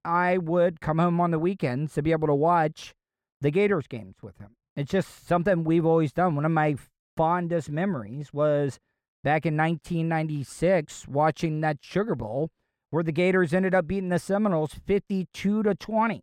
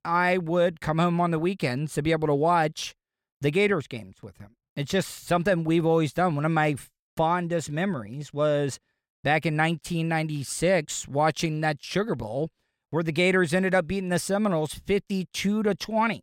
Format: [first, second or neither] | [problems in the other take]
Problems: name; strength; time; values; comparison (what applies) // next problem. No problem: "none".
second | muffled; slightly; fading above 2 kHz